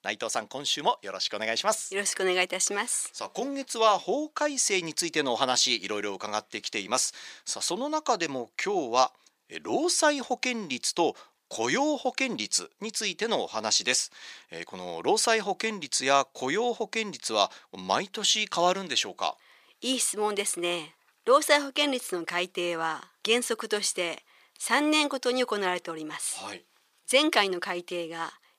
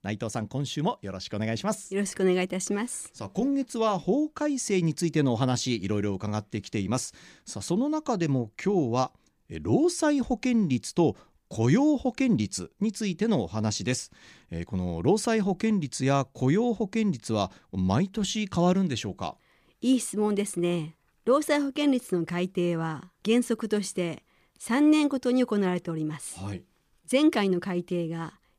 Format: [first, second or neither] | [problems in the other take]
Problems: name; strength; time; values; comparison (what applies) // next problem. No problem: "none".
second | thin; very; fading below 650 Hz